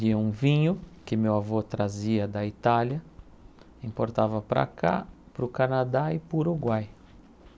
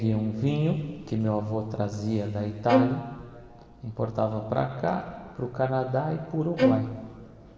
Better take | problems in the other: first | background sound (Bowed string instrument); 2 dB above the speech // room echo; dies away in 2.5 s

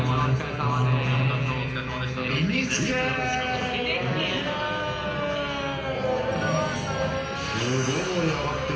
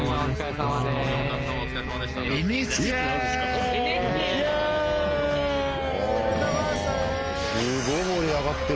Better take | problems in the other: second | room echo; dies away in 0.8 s

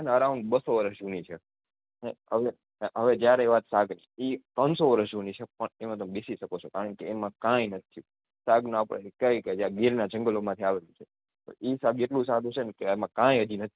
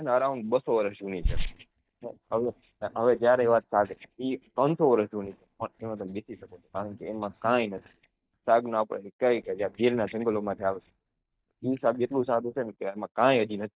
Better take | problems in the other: first | noise reduction (neural mask model DeepFilterNet 3)

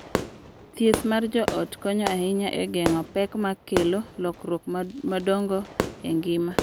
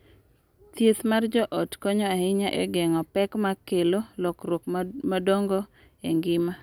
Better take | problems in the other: second | background sound (Fireworks); 7 dB below the speech

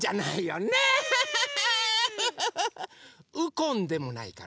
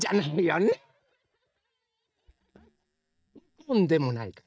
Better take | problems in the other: first | noise reduction (neural mask model DeepFilterNet 3)

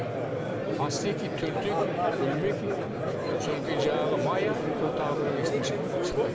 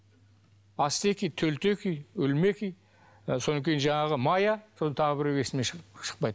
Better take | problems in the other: second | background sound (Crowd); 5 dB above the speech // room echo; dies away in 1 s

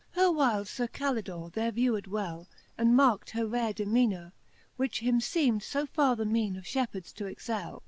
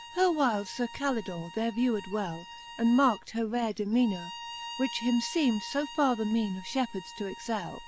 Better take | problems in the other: first | background sound (Bowed string instrument); 15 dB below the speech

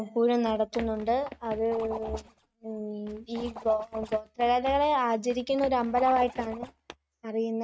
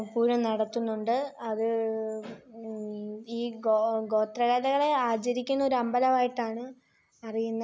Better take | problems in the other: second | noise reduction (neural mask model RNNoise)

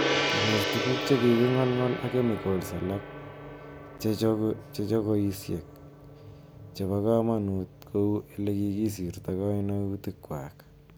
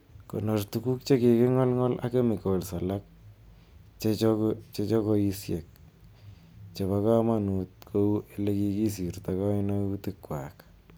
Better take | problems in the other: second | background sound (Gong); 7 dB below the speech

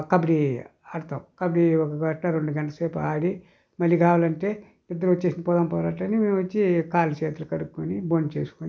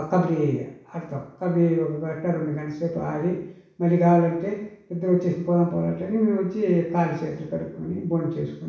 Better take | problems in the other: first | room echo; dies away in 0.7 s

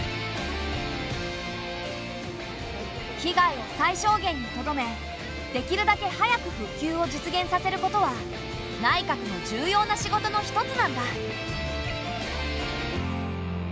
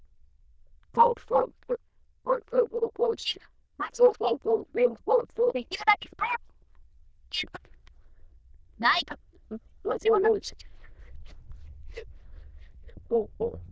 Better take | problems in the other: first | noise reduction (neural diffusion model UNIVERSE++)

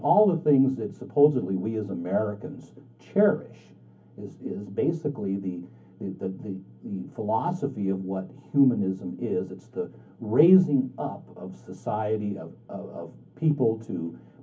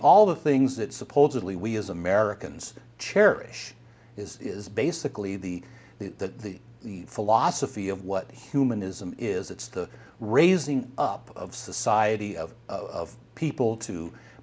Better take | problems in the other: second | room echo; dies away in 0.3 s

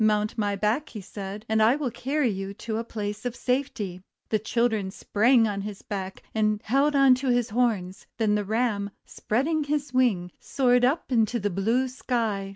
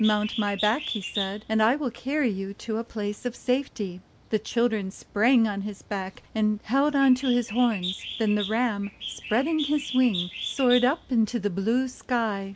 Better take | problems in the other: first | background sound (Bird); 13 dB below the speech

